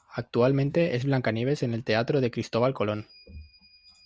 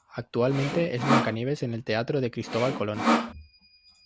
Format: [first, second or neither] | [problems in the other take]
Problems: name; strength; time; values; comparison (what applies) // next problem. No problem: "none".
first | background sound (Sawing); 1 dB above the speech